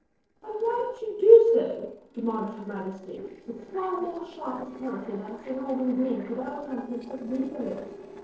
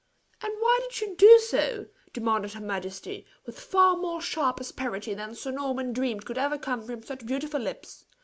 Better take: second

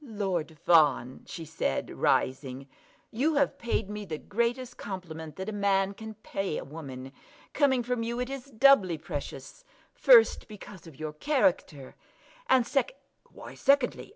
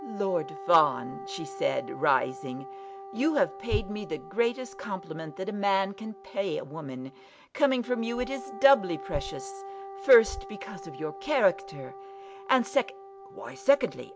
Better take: first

